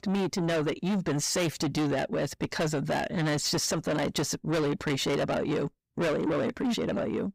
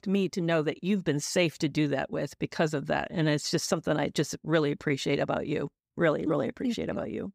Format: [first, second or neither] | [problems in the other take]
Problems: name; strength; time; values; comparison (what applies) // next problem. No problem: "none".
second | distortion; heavy; 6 dB below the speech